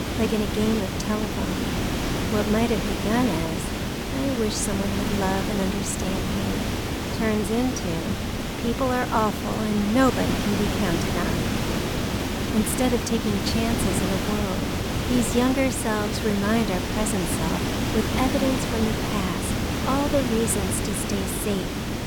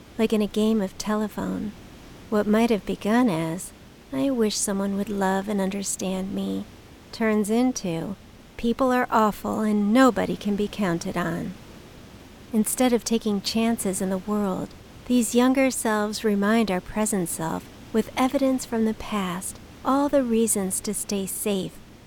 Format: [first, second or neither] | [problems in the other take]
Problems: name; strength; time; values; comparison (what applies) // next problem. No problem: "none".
second | hiss; loud; throughout; as loud as the speech; faint in the second